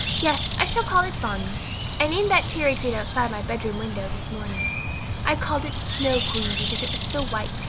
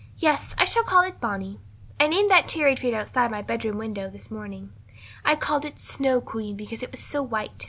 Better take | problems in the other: second | background sound (Bird); 2 dB below the speech

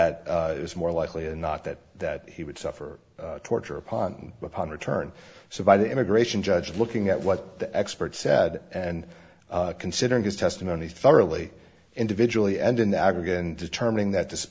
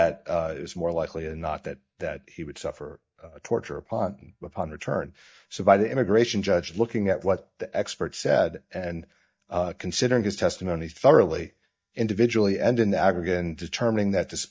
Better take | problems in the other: first | noise reduction (neural mask model DeepFilterNet 3)

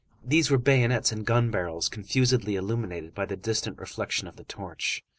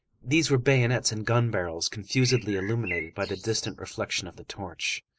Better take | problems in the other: first | noise reduction (neural mask model Resemble Enhance denoiser)

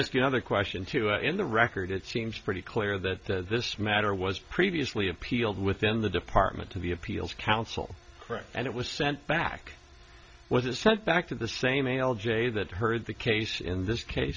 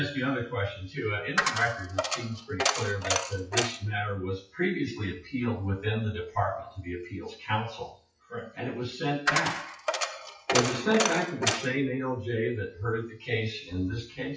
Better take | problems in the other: first | noise reduction (classical method WPE with log-MMSE)

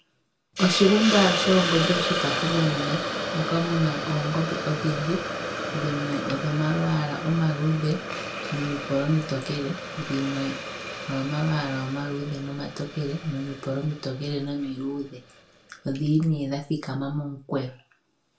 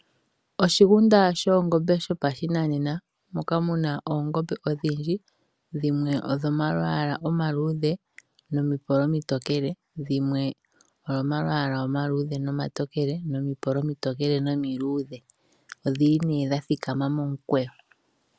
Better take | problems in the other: second | background sound (Hiss); 5 dB below the speech // room echo; dies away in 0.3 s

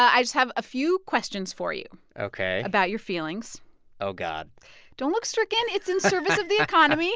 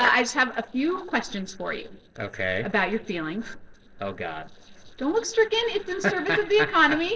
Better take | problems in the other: first | noise reduction (neural separator model SepFormer DNS4)

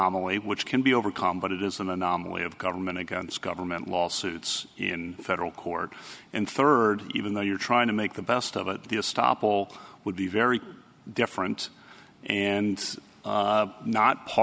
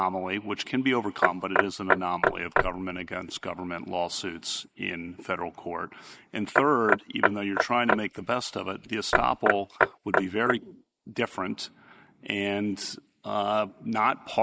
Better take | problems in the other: first | noise reduction (neural mask model Resemble Enhance denoiser)

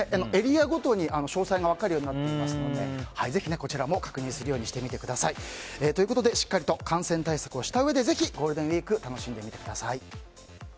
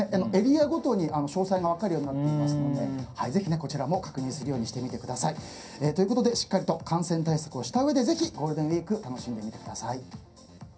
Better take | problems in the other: first | room echo; dies away in 0.3 s

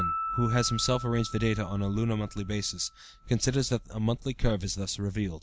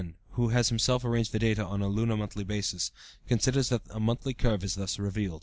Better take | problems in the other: second | background sound (Piano); 11 dB below the speech

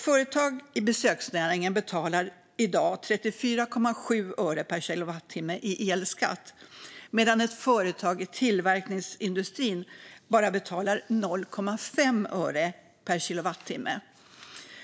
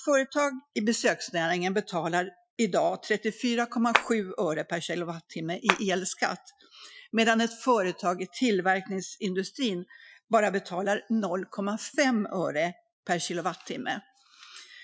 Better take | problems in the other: first | noise reduction (classical method Wiener filter)

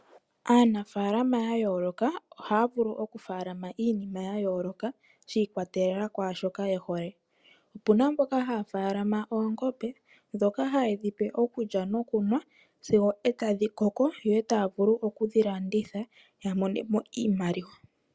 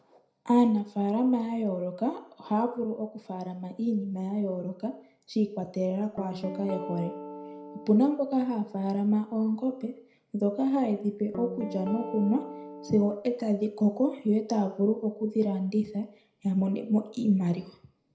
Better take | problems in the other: first | background sound (Guitar); 11 dB below the speech // room echo; dies away in 0.4 s

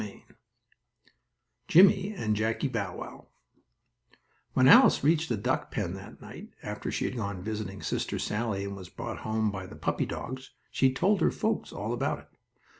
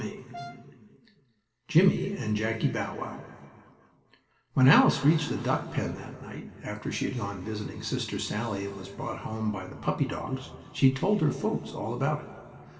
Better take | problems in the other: first | background sound (Brass instrument); 16 dB below the speech // room echo; dies away in 2.4 s

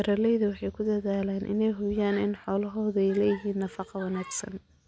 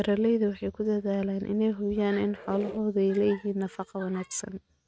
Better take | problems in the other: first | noise reduction (neural mask model RNNoise)

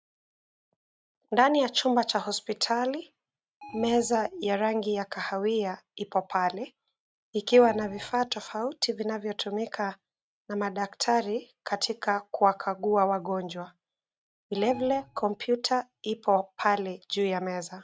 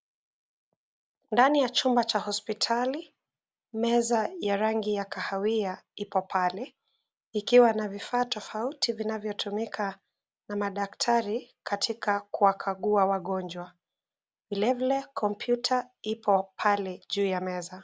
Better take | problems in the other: second | noise reduction (neural mask model RNNoise)

